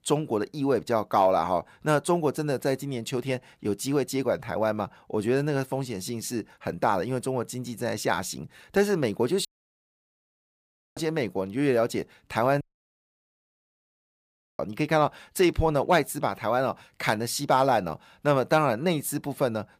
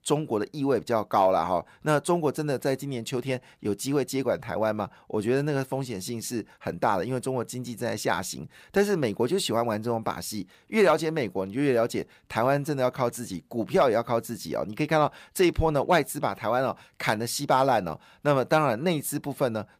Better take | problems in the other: second | audio cutting out; at 9.5 s for 1.5 s and at 13 s for 2 s

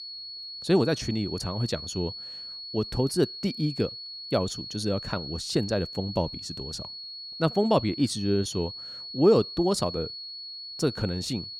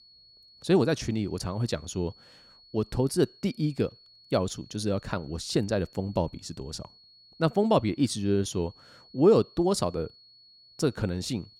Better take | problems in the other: second | high-pitched whine; loud; throughout; 4.5 kHz, 9 dB below the speech; faint in the second

